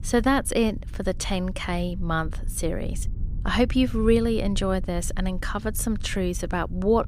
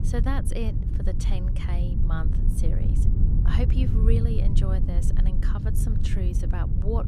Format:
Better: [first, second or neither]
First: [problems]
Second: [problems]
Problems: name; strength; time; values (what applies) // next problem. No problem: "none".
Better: first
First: low rumble; faint; throughout; 25 dB below the speech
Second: low rumble; loud; throughout; 2 dB below the speech